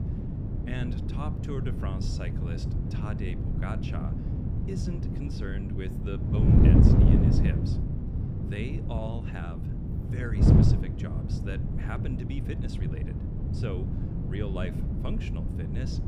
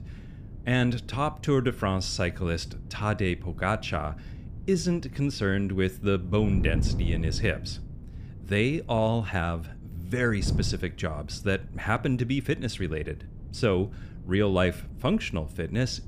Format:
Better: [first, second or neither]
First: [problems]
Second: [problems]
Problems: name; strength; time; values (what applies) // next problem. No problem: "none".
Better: second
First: wind noise on the microphone; heavy; 4 dB above the speech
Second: wind noise on the microphone; occasional gusts; 20 dB below the speech